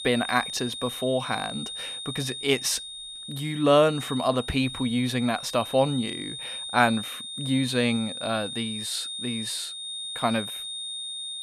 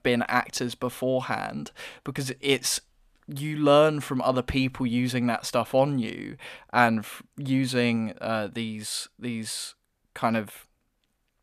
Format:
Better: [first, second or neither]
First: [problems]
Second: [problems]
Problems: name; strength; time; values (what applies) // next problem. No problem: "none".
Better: second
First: high-pitched whine; loud; throughout; 3.5 kHz, 7 dB below the speech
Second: none